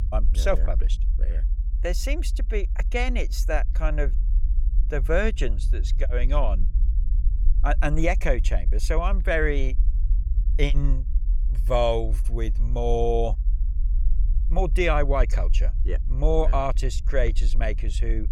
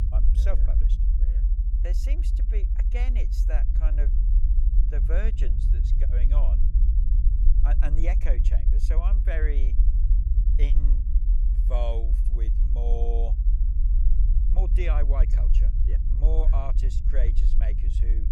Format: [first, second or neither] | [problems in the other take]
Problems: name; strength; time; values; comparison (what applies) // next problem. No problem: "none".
first | low rumble; loud; throughout; 7 dB below the speech; faint in the first